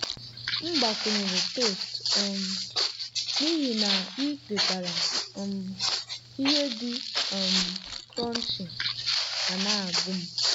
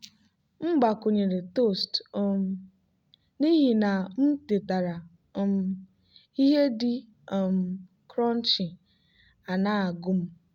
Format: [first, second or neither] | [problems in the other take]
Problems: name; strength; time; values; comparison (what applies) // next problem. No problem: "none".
second | background sound (Walk, footsteps); 4 dB above the speech